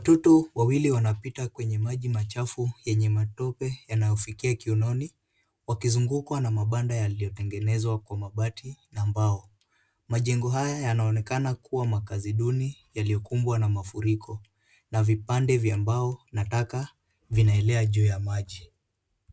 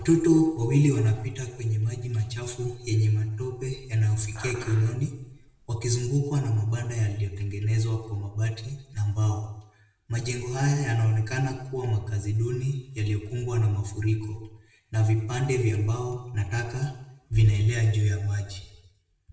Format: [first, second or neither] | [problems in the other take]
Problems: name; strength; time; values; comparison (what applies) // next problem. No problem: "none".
first | background sound (Dishes, pots, and pans); 19 dB below the speech // room echo; dies away in 0.8 s